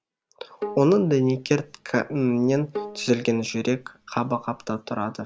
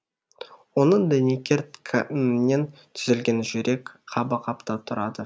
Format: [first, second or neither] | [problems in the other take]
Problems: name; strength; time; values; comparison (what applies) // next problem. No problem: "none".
second | background sound (Bowed string instrument); 15 dB below the speech